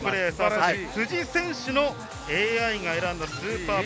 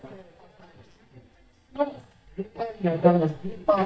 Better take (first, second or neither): first